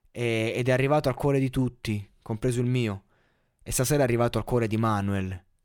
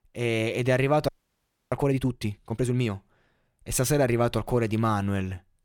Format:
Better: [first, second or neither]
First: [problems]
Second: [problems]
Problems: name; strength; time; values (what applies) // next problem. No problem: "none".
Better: first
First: none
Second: audio freezing; at 1 s for 0.5 s